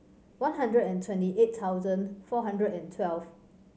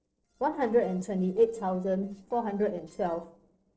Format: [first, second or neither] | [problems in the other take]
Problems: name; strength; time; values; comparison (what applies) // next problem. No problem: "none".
first | noise reduction (neural separator model SepFormer DNS4)